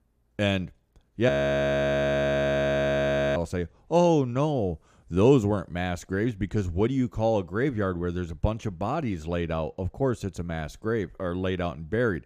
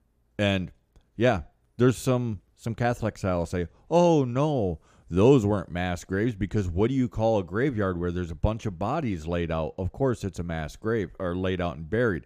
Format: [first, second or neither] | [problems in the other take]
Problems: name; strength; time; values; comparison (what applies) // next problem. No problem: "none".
second | audio freezing; at 1.5 s for 2 s